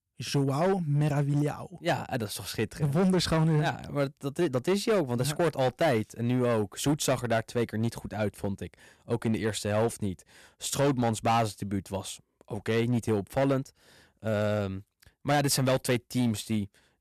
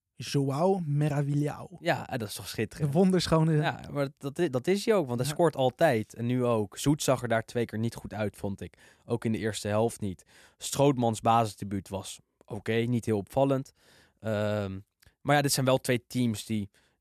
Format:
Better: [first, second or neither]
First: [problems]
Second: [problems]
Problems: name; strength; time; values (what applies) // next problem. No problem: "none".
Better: second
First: distortion; slight; 7% of the sound clipped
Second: none